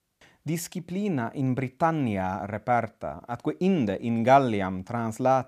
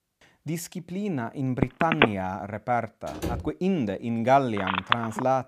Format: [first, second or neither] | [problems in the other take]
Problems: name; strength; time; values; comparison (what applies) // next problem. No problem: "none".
first | phone ringing; loud; at 1.5 s and at 4.5 s; peak 5 dB above the speech // door banging; noticeable; at 3 s; peak 5 dB below the speech